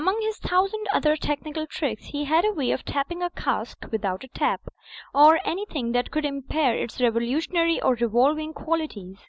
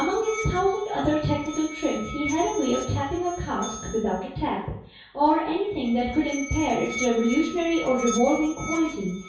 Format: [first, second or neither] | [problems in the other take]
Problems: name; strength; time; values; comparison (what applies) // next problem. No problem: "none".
first | background sound (Musical instrument); 12 dB below the speech // room echo; dies away in 0.6 s